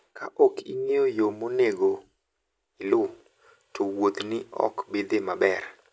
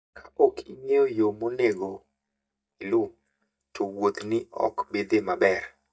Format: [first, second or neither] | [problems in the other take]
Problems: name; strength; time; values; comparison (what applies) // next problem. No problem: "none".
first | noise reduction (neural mask model DeepFilterNet 3)